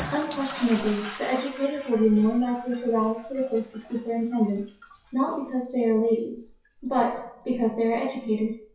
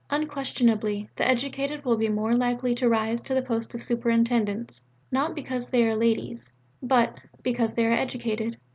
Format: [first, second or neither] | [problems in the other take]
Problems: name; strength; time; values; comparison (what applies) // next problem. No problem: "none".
second | noise reduction (classical method WPE with log-MMSE)